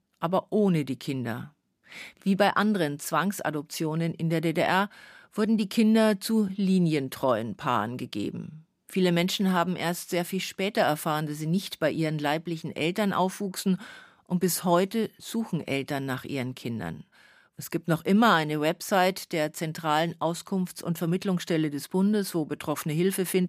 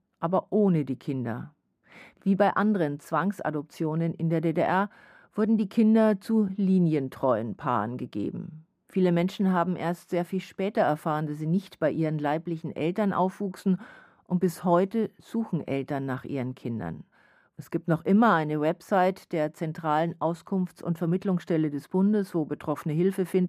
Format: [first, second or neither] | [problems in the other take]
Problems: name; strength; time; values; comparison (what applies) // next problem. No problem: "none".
first | muffled; slightly; fading above 2 kHz